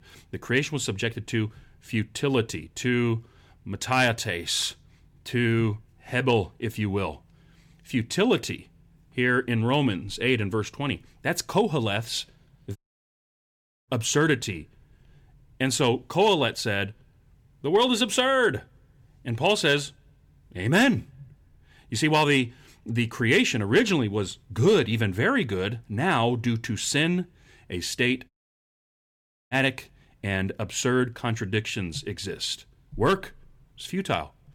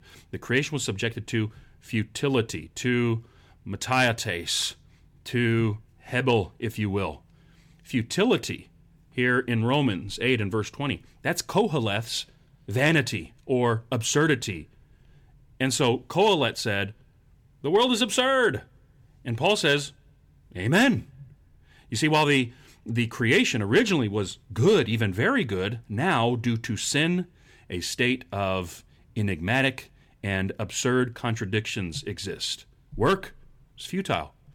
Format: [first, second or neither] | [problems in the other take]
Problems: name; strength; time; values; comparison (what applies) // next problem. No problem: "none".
second | audio cutting out; at 13 s for 1 s and at 28 s for 1 s